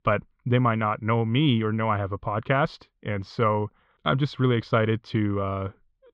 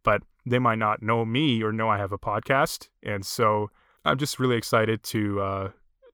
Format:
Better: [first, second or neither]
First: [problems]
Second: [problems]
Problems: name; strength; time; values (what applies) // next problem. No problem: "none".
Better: second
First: muffled; slightly; fading above 3.5 kHz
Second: none